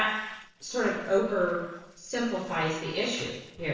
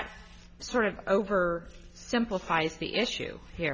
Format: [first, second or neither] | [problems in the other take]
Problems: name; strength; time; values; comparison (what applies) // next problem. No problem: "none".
second | noise reduction (neural separator model SepFormer DNS4)